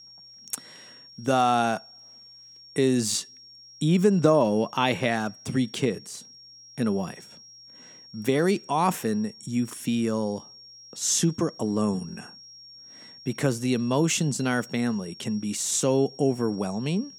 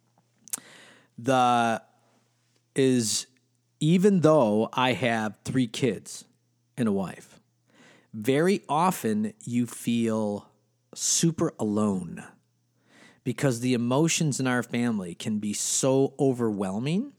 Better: second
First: high-pitched whine; noticeable; throughout; 5.5 kHz, 20 dB below the speech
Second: none

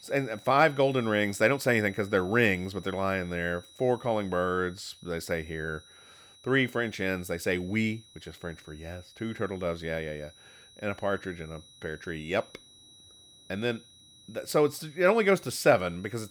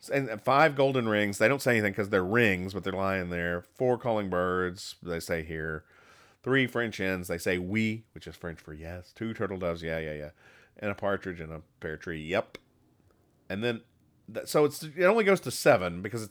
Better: second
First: high-pitched whine; faint; throughout; 4 kHz, 25 dB below the speech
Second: none

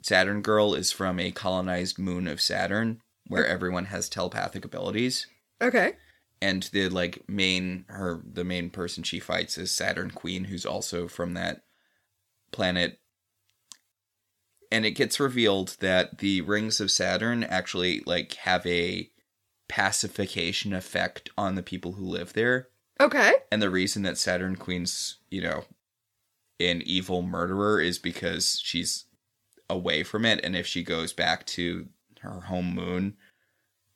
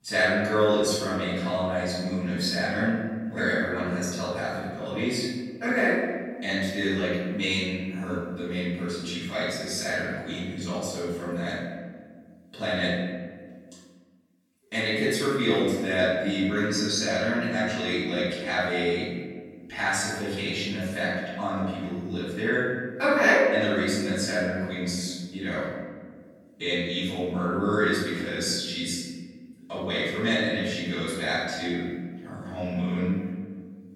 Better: first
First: none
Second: off-mic speech; far // room echo; strong; dies away in 1.5 s

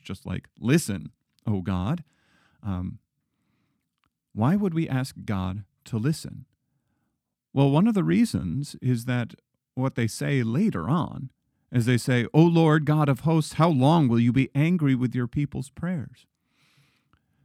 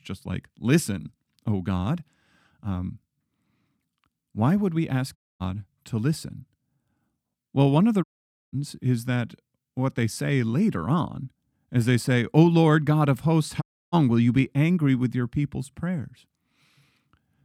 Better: first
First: none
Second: audio cutting out; at 5 s, at 8 s and at 14 s

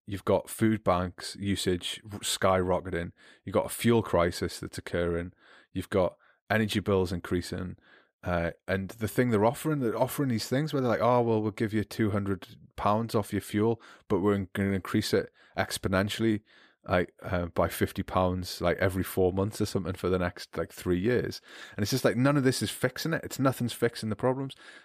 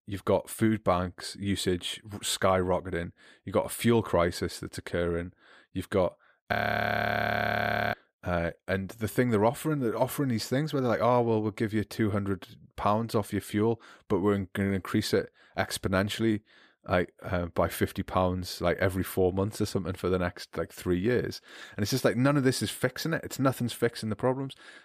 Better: first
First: none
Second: audio freezing; at 6.5 s for 1.5 s

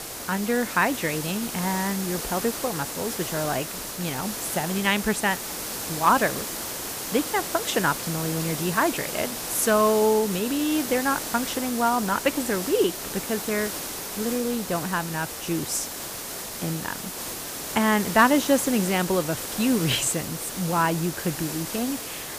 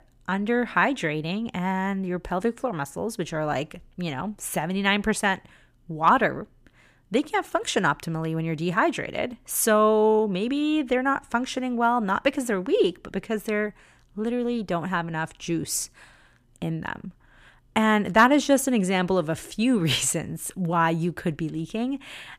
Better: second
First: hiss; loud; throughout; 5 dB below the speech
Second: none

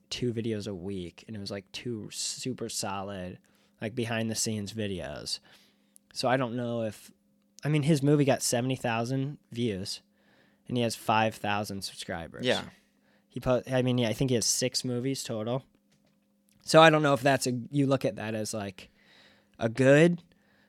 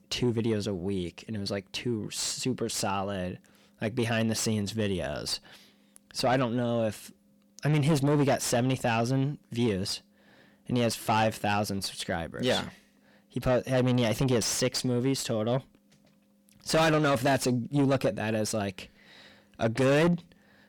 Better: first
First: none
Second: distortion; heavy; 6 dB below the speech

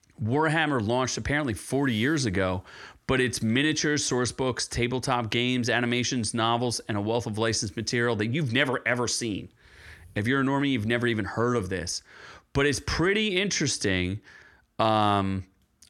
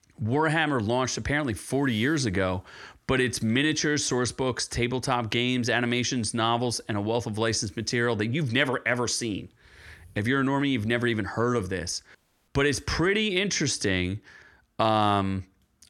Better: first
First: none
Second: audio cutting out; at 12 s

